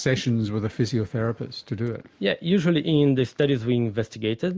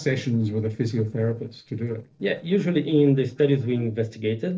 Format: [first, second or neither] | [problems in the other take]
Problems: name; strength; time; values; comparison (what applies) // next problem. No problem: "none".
first | noise reduction (neural separator model SepFormer DNS4)